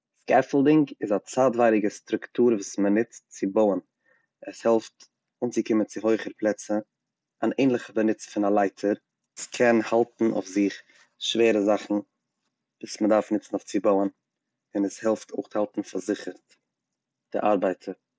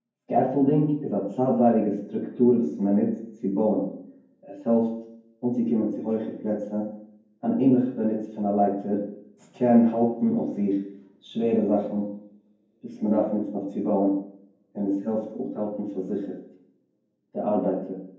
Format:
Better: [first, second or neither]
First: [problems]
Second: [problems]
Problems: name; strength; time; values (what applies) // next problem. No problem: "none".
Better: first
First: none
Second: room echo; dies away in 0.9 s